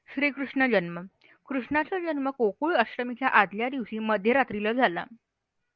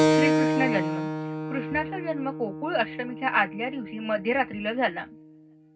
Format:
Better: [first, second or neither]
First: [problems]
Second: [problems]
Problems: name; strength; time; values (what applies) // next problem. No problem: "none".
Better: first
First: none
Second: background sound (Keyboard (musical)); 1 dB above the speech // room echo; dies away in 0.3 s